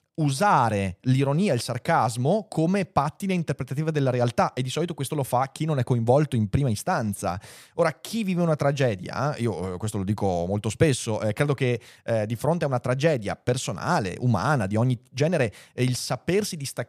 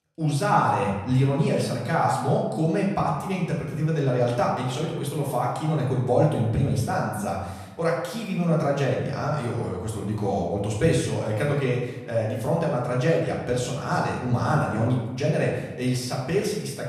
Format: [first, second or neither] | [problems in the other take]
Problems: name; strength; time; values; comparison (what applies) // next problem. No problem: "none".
first | room echo; noticeable; dies away in 0.9 s // off-mic speech; far